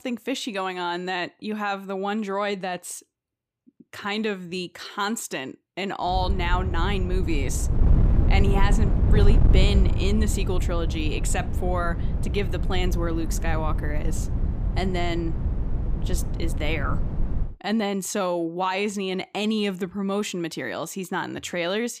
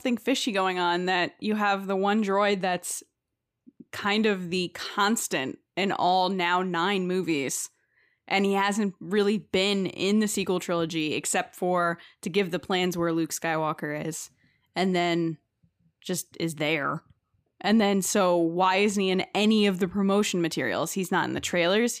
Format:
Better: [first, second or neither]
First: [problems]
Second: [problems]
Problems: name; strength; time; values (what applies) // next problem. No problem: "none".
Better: second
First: wind noise on the microphone; heavy; from 6 to 17 s; 10 dB below the speech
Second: none